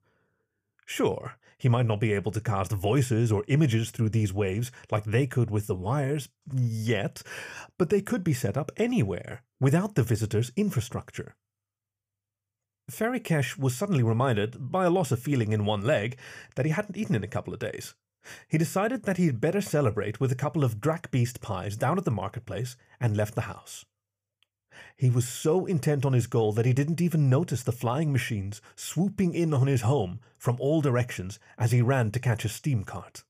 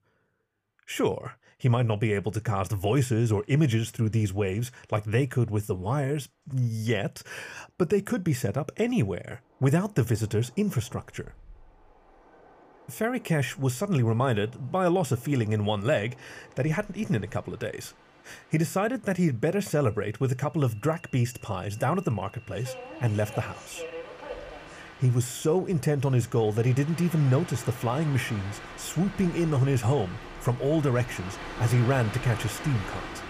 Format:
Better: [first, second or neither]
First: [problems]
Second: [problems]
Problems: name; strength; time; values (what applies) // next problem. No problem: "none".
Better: first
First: none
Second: train or aircraft noise; noticeable; throughout; 15 dB below the speech